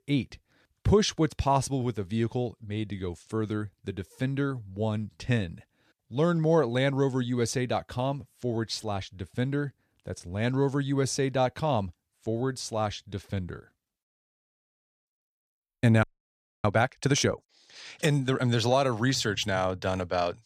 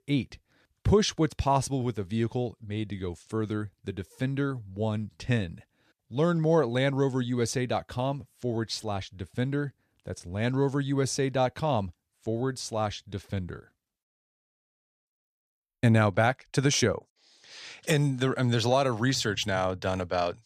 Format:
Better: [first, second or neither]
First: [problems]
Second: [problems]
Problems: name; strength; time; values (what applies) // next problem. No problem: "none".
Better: second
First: audio freezing; at 16 s for 0.5 s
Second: none